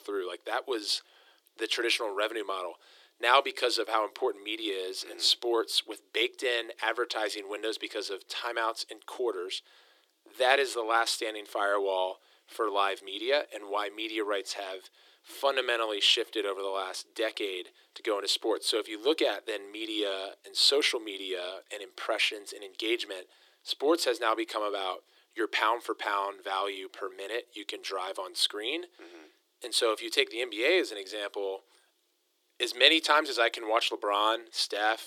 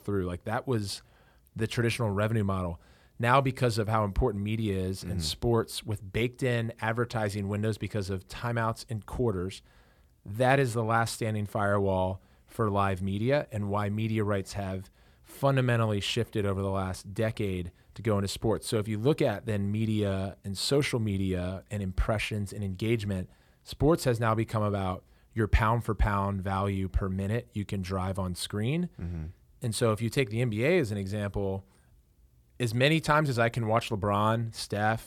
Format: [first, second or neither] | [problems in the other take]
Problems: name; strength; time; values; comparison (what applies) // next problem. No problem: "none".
second | thin; very; fading below 300 Hz